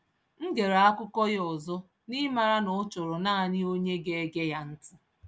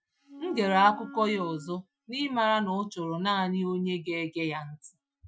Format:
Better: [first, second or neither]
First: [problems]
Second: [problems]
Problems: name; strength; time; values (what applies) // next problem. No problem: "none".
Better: first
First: none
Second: noise reduction (classical method Wiener filter)